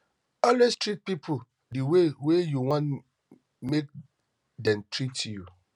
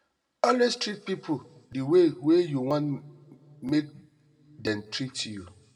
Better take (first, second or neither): first